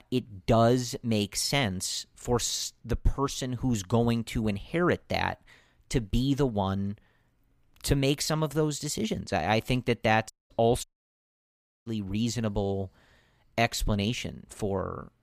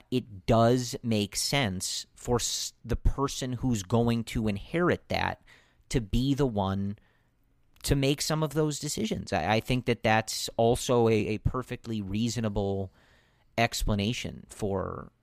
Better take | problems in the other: second | audio cutting out; at 10 s and at 11 s for 1 s

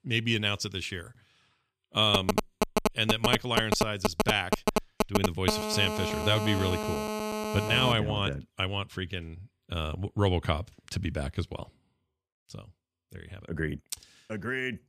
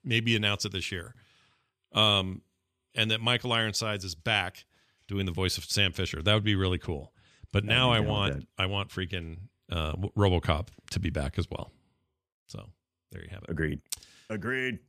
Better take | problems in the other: second | phone ringing; loud; from 2 to 8 s; peak 1 dB above the speech

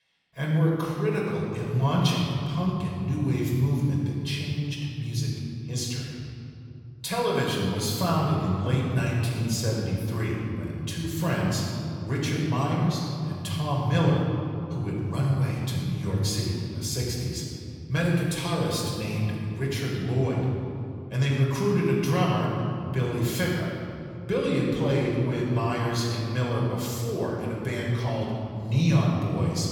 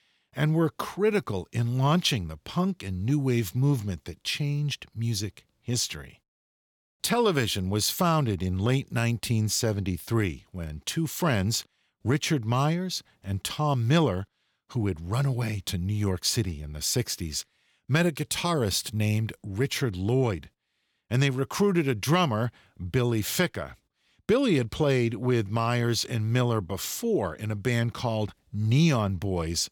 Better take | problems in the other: second | off-mic speech; far // room echo; noticeable; dies away in 2.9 s

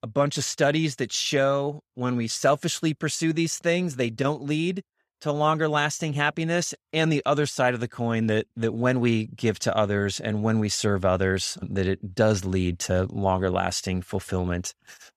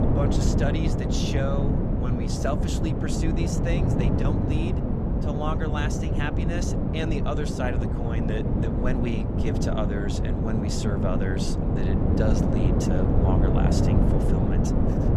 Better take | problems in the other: first | wind noise on the microphone; heavy; 2 dB above the speech

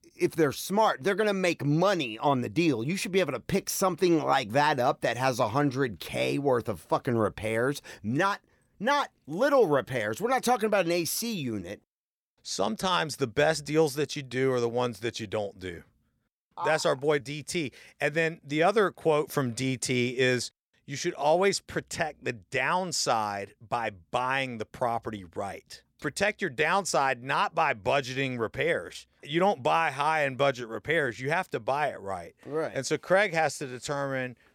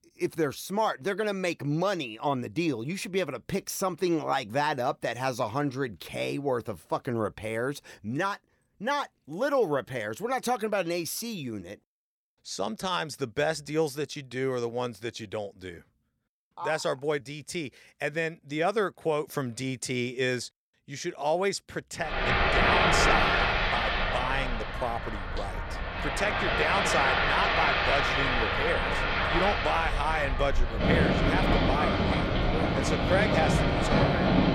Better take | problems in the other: first | rain or running water; very loud; from 22 s on; 4 dB above the speech

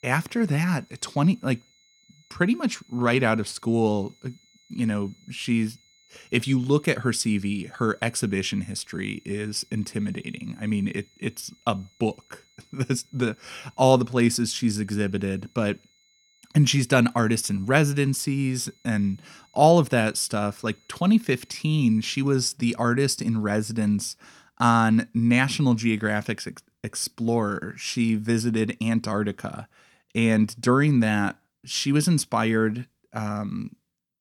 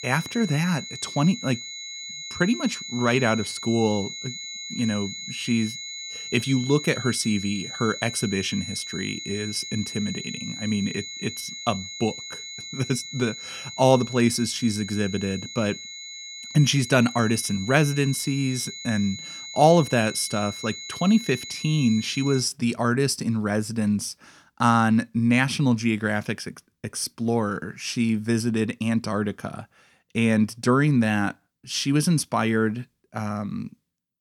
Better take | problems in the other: first | high-pitched whine; loud; until 22 s; 4 kHz, 10 dB below the speech; faint in the first

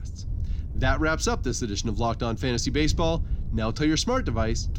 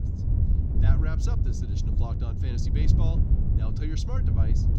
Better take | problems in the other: first | wind noise on the microphone; heavy; 1 dB above the speech; occasional gusts in the first

